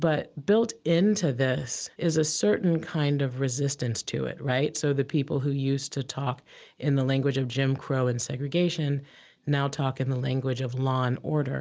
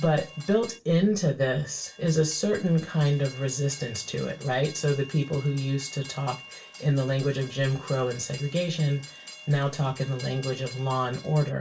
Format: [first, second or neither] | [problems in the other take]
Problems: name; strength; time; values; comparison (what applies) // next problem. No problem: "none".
first | background sound (Train); 18 dB below the speech // room echo; dies away in 0.2 s